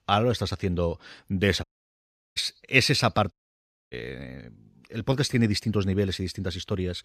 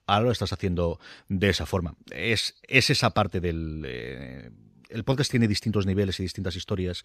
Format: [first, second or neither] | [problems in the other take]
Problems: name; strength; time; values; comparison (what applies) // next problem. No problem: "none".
second | audio cutting out; at 1.5 s for 0.5 s and at 3.5 s for 0.5 s